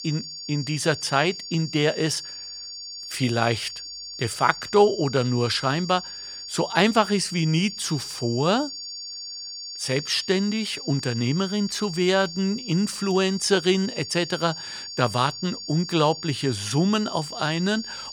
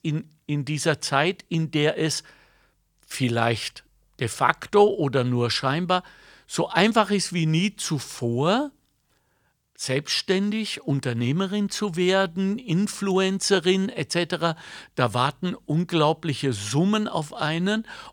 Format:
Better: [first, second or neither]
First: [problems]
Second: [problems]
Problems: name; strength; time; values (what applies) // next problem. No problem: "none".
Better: second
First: high-pitched whine; loud; throughout; 4.5 kHz, 10 dB below the speech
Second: none